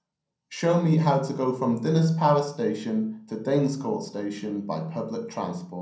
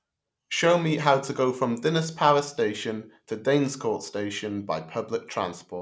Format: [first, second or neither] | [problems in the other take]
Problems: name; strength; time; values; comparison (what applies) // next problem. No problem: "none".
second | room echo; dies away in 0.6 s